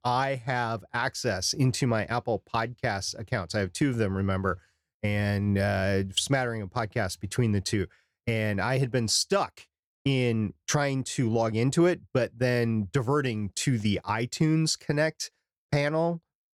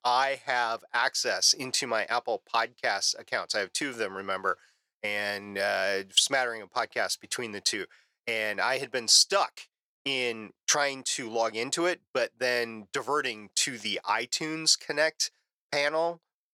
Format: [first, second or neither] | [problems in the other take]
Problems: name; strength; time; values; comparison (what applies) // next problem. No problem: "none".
first | thin; very; fading below 600 Hz